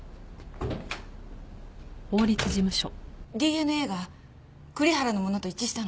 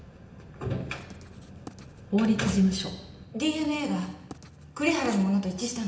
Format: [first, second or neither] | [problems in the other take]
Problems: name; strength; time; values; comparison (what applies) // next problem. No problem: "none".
first | background sound (Writing); 19 dB below the speech // room echo; dies away in 0.8 s